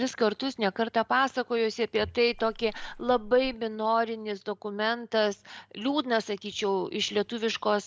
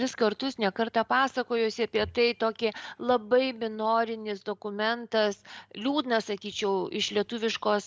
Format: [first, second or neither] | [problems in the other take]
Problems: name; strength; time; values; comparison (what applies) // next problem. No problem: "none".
second | background sound (Water / Splash, splatter); 16 dB below the speech